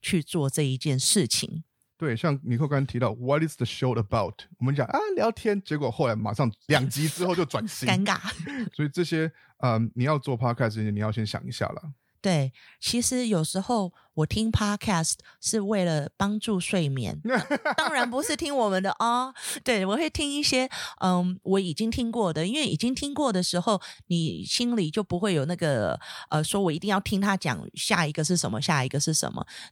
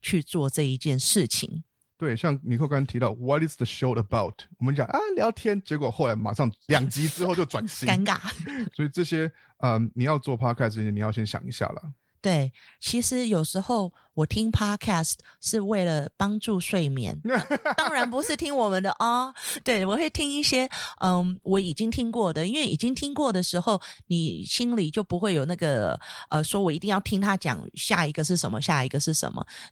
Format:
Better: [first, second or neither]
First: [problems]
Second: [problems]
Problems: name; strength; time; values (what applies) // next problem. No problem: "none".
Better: first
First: none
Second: garbled, watery; slightly